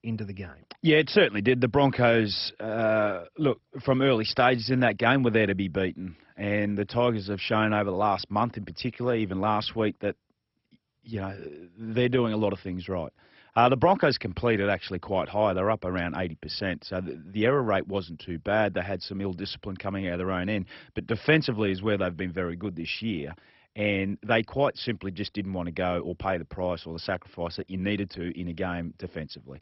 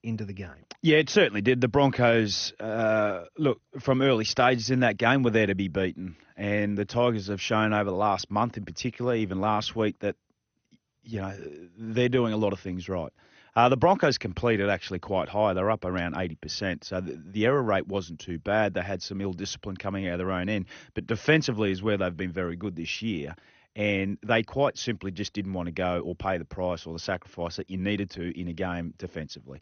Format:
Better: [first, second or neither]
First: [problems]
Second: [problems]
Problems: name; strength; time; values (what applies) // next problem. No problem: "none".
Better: second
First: garbled, watery; badly; nothing above 5.5 kHz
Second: garbled, watery; slightly; nothing above 6.5 kHz